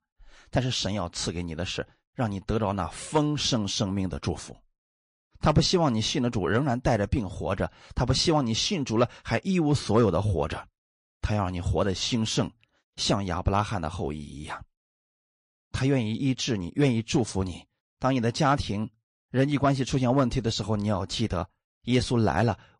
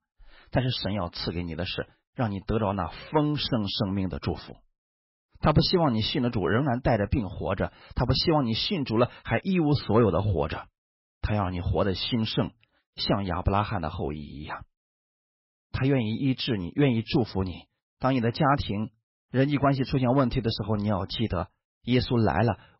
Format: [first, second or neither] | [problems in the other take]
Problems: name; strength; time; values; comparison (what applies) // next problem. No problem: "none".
first | garbled, watery; badly; nothing above 5.5 kHz; slightly in the first